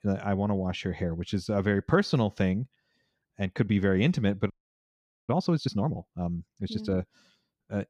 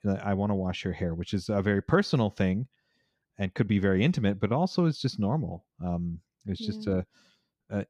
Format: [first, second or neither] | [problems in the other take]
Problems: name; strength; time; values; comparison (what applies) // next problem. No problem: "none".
second | audio freezing; at 4.5 s for 1 s